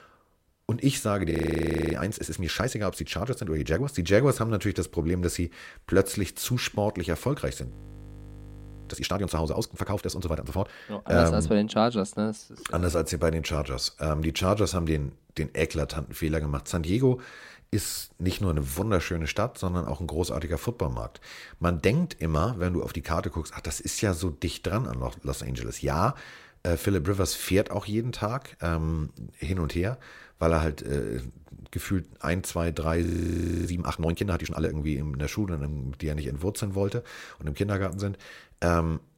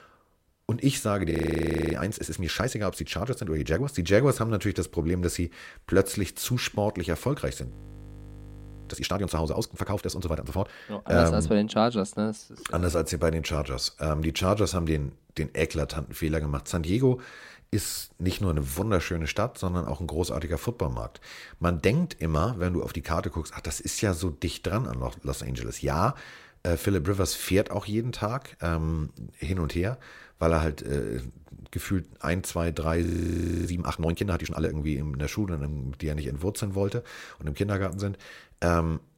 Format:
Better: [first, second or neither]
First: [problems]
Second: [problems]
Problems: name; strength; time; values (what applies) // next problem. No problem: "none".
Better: neither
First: audio freezing; at 1.5 s for 0.5 s, at 7.5 s for 1 s and at 33 s for 0.5 s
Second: audio freezing; at 1.5 s for 0.5 s, at 7.5 s for 1 s and at 33 s for 0.5 s